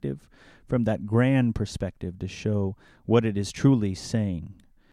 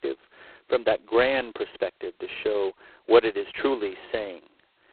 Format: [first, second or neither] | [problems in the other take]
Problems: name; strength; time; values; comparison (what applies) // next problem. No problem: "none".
first | phone-call audio; poor line; nothing above 4 kHz